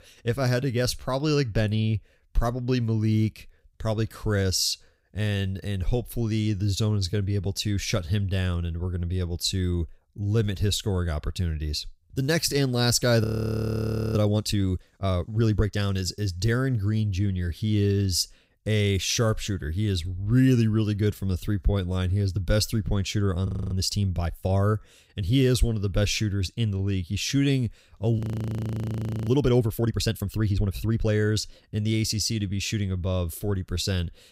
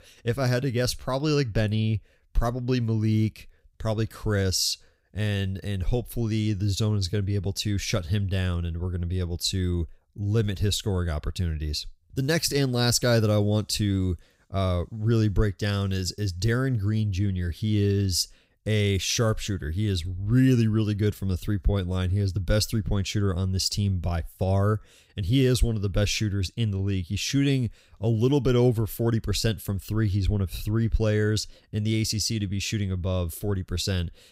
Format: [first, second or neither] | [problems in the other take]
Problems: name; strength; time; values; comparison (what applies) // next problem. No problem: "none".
second | audio freezing; at 13 s for 1 s, at 23 s and at 28 s for 1 s